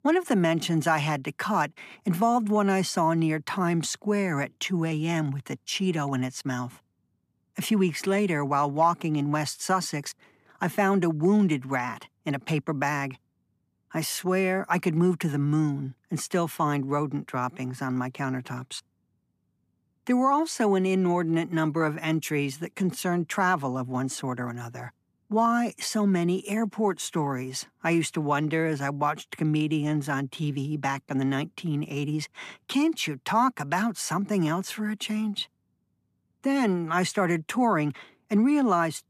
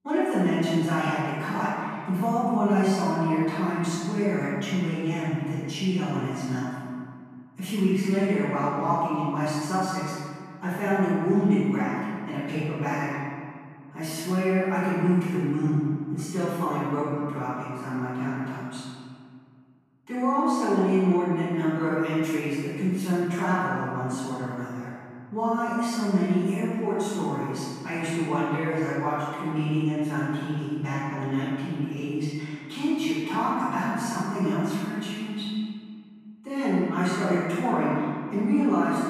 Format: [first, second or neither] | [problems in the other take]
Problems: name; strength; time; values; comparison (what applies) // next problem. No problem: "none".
first | off-mic speech; far // room echo; strong; dies away in 1.9 s